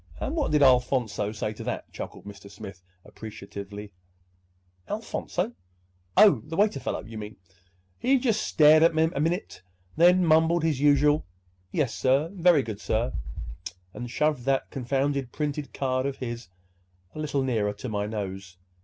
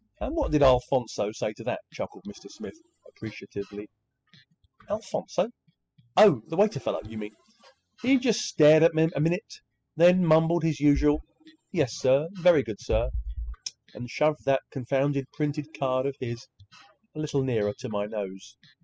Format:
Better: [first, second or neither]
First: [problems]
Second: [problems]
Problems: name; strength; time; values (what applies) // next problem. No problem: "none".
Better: first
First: none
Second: noise reduction (classical method spectral subtraction)